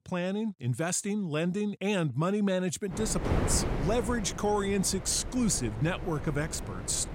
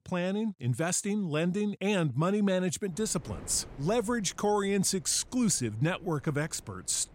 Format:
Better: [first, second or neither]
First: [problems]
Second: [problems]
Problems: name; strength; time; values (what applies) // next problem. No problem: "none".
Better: second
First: wind noise on the microphone; heavy; from 3 s on; 8 dB below the speech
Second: wind noise on the microphone; occasional gusts; from 3 s on; 25 dB below the speech